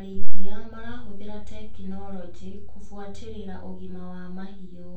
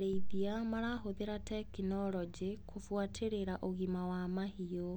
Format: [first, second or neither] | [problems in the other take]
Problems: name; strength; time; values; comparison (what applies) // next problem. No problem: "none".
second | room echo; dies away in 0.3 s